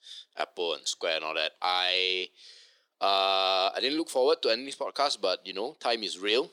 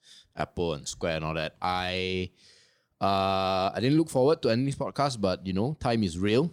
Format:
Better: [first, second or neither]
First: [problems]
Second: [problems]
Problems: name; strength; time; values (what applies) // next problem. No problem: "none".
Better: second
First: thin; very; fading below 350 Hz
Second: none